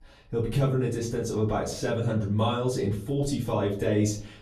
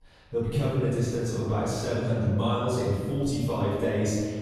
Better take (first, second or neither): first